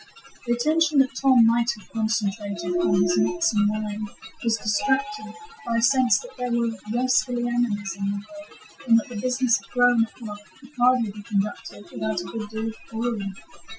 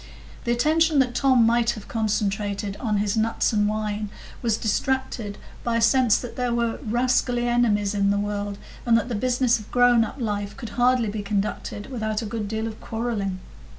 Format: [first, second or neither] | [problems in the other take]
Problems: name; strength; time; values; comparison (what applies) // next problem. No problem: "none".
second | noise reduction (classical method Wiener filter)